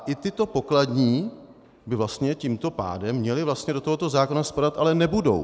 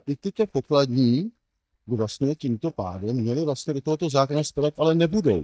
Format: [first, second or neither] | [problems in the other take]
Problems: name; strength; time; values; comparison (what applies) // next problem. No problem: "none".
first | noise reduction (neural mask model DeepFilterNet 3)